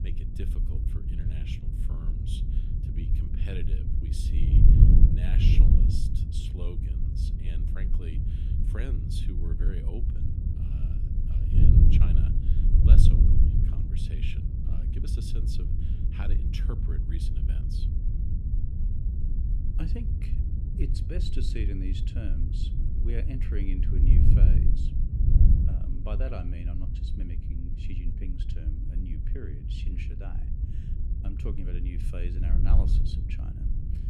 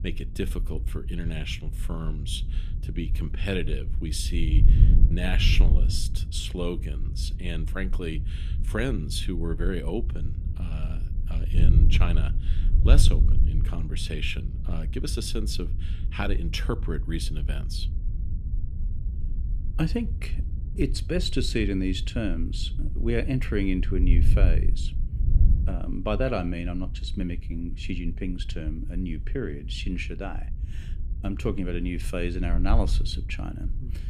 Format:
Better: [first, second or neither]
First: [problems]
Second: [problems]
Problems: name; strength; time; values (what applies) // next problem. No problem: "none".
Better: second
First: wind noise on the microphone; heavy; 2 dB above the speech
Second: wind noise on the microphone; occasional gusts; 10 dB below the speech